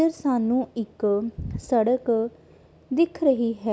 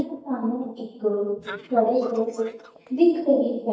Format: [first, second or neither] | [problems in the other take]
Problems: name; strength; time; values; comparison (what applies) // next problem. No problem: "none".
first | noise reduction (neural mask model DeepFilterNet 3)